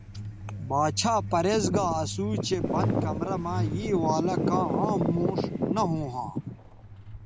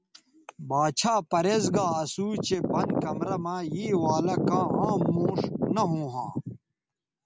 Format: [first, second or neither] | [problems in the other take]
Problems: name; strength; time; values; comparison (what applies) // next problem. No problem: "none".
second | background sound (Truck); 9 dB below the speech